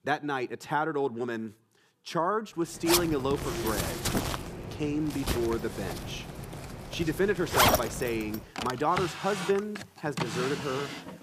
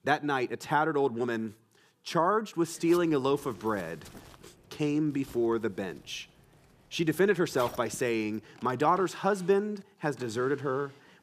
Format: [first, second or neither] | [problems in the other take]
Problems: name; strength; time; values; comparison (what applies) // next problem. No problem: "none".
second | household noises; loud; from 3 s on; 1 dB below the speech; faint in the second